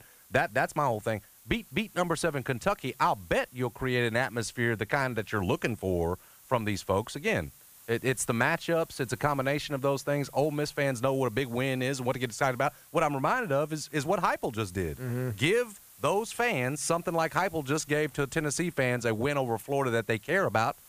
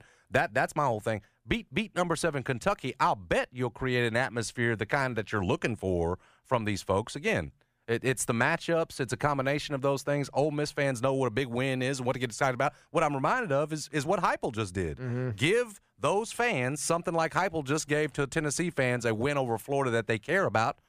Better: second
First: hiss; faint; throughout; 25 dB below the speech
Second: none

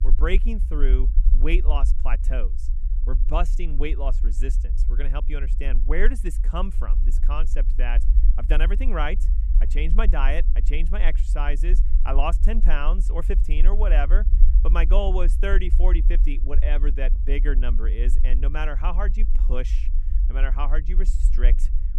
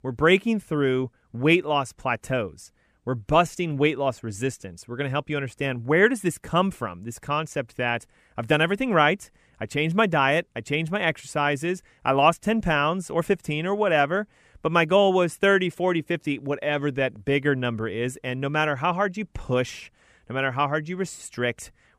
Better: second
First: low rumble; noticeable; throughout; 15 dB below the speech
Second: none

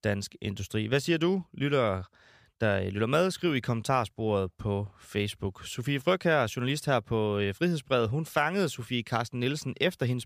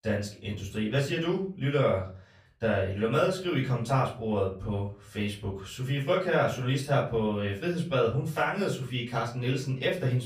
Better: first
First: none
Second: off-mic speech; far // room echo; slight; dies away in 0.4 s

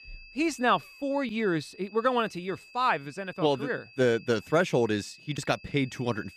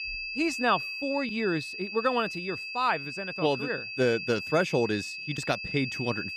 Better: first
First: high-pitched whine; faint; throughout; 2.5 kHz, 20 dB below the speech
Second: high-pitched whine; loud; throughout; 2.5 kHz, 5 dB below the speech

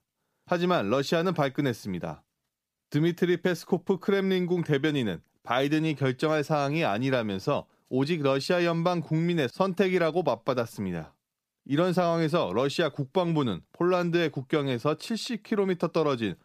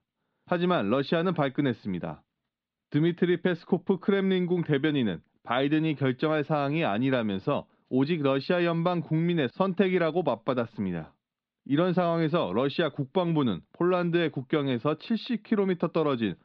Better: first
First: none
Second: muffled; slightly; fading above 4 kHz

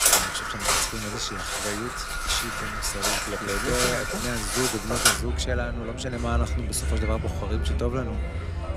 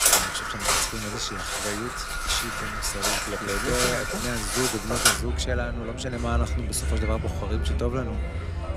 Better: neither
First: animal sounds; very loud; throughout; 4 dB above the speech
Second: animal sounds; very loud; throughout; 4 dB above the speech

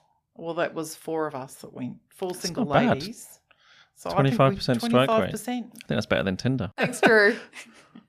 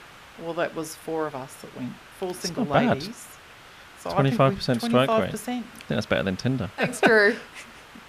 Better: first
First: none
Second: hiss; faint; throughout; 20 dB below the speech

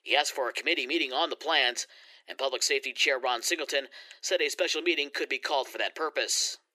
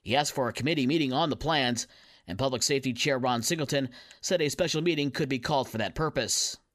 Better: second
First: thin; very; fading below 350 Hz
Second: none

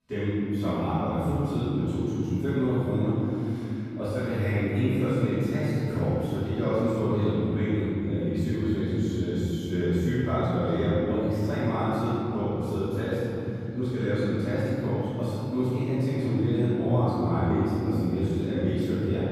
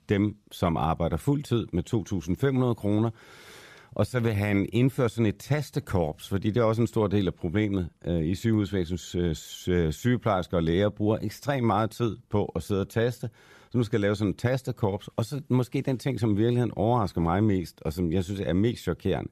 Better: second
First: off-mic speech; far // room echo; strong; dies away in 3 s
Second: none

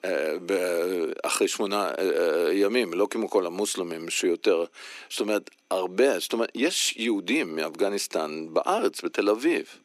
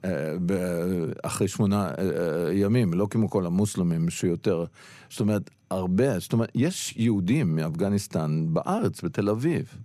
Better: second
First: thin; somewhat; fading below 300 Hz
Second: none

